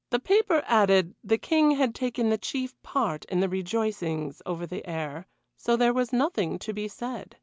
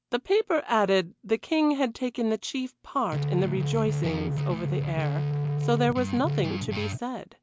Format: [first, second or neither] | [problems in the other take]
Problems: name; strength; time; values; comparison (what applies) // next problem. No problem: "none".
first | background sound (Guitar); 1 dB below the speech